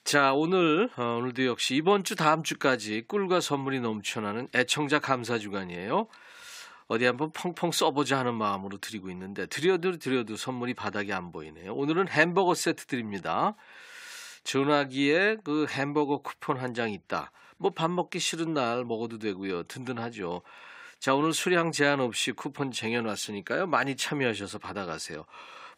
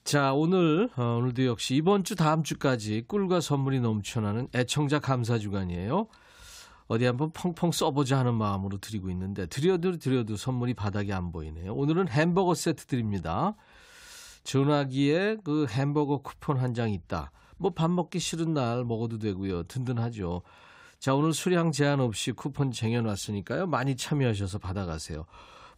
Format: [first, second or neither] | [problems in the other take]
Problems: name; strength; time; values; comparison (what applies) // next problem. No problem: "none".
second | thin; somewhat; fading below 250 Hz